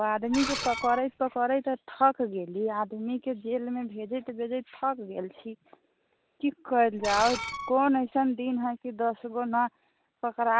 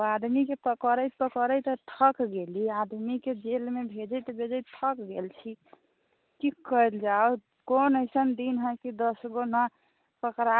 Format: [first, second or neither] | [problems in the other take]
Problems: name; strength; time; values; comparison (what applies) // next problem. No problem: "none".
second | background sound (Screech); 8 dB below the speech